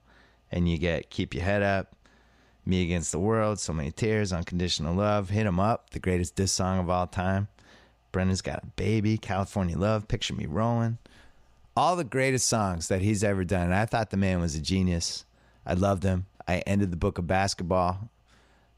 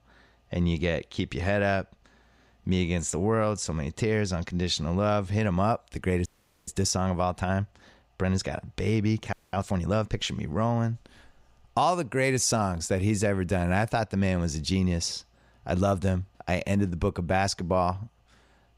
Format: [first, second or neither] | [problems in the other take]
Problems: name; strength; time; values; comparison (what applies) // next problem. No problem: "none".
first | audio freezing; at 6.5 s and at 9.5 s